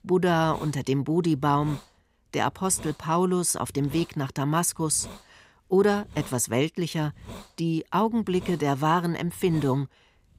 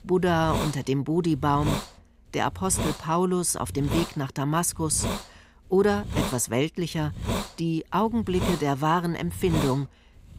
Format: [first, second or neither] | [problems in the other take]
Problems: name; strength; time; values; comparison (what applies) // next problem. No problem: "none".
first | hiss; loud; throughout; 7 dB below the speech; faint in the first